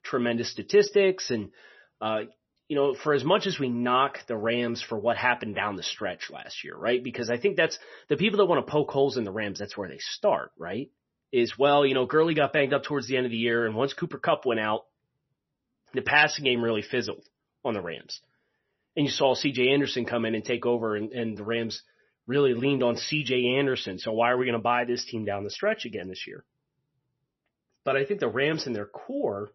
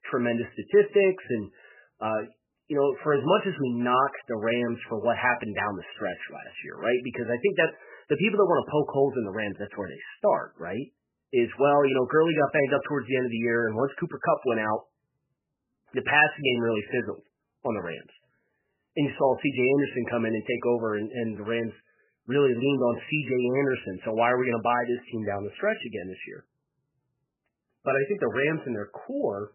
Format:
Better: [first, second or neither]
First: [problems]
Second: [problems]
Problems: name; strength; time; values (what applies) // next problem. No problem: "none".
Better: first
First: garbled, watery; slightly; nothing above 6 kHz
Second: garbled, watery; badly; nothing above 3 kHz